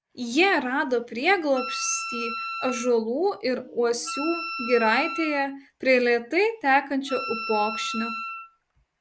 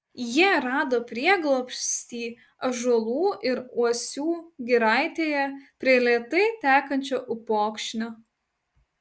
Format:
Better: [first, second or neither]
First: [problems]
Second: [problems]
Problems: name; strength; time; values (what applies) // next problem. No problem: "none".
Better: second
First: background sound (Wind instrument, woodwind instrument); 9 dB below the speech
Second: none